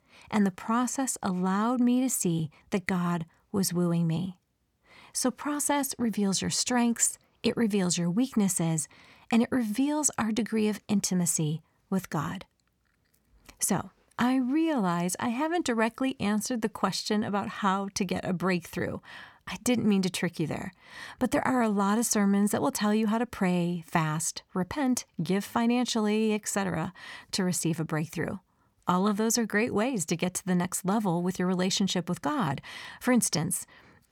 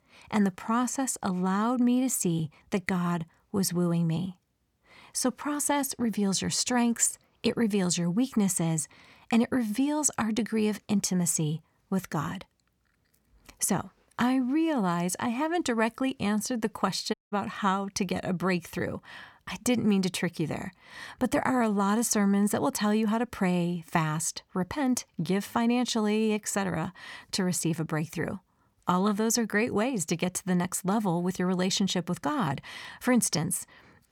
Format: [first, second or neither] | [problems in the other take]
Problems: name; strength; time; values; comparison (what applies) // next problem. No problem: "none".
first | audio cutting out; at 17 s